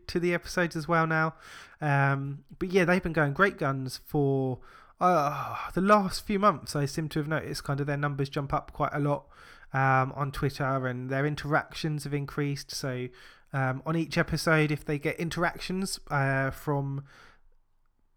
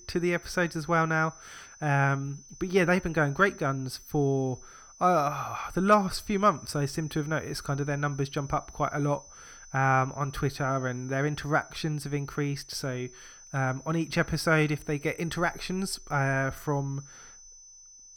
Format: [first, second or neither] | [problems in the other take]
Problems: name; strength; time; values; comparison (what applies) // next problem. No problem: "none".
first | high-pitched whine; faint; throughout; 6 kHz, 20 dB below the speech